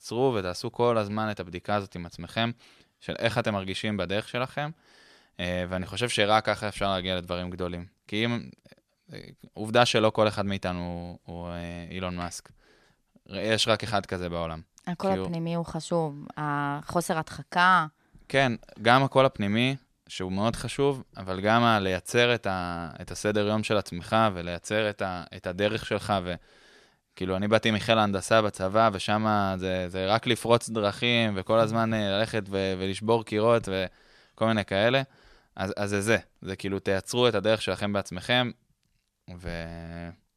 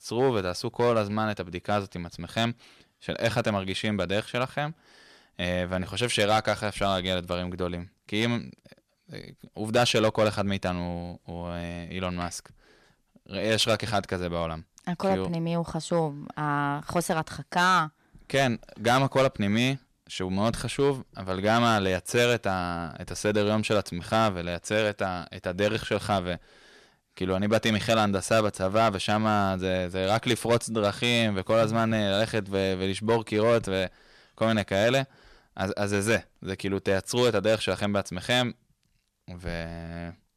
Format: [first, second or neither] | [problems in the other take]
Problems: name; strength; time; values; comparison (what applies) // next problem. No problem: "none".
first | distortion; slight; 3% of the sound clipped